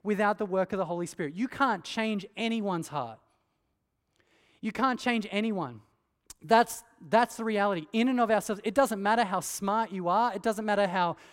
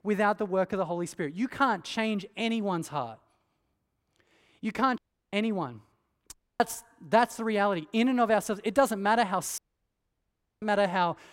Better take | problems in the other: first | audio cutting out; at 5 s, at 6.5 s and at 9.5 s for 1 s

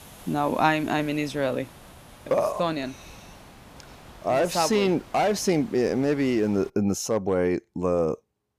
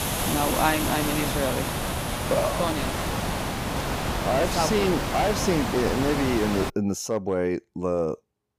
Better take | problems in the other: first | hiss; loud; until 6.5 s; 1 dB below the speech; faint in the first

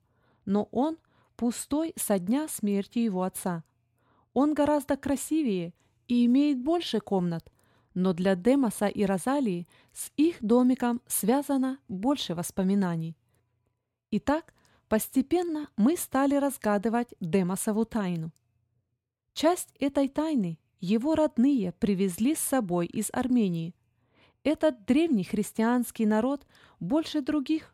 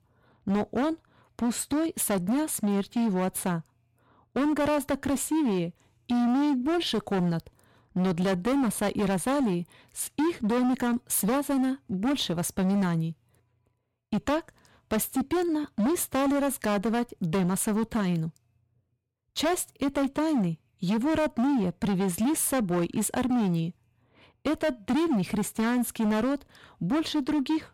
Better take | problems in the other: first | distortion; heavy; 20% of the sound clipped

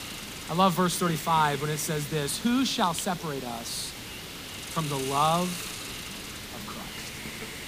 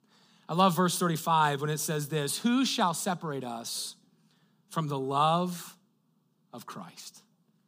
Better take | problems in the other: second | hiss; loud; throughout; 9 dB below the speech

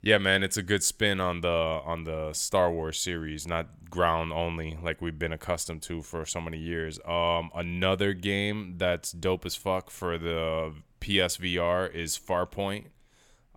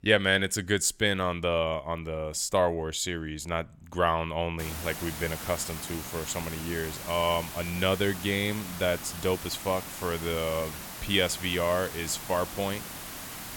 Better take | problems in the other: first | hiss; loud; from 4.5 s on; 9 dB below the speech

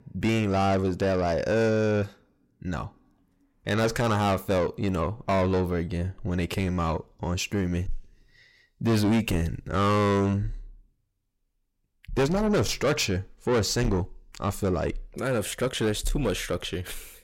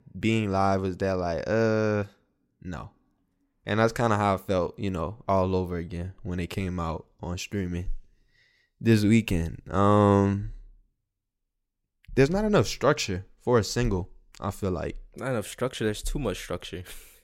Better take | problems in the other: second | distortion; heavy; 6 dB below the speech

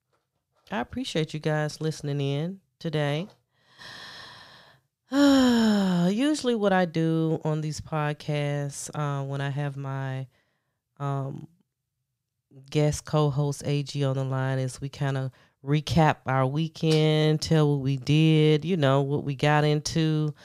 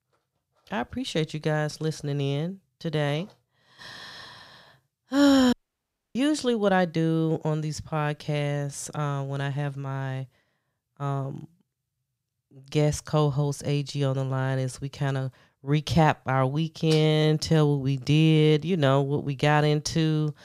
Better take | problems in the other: first | audio cutting out; at 5.5 s for 0.5 s

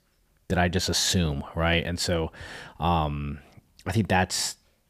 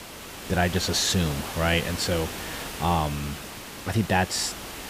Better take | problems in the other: first | hiss; loud; throughout; 9 dB below the speech

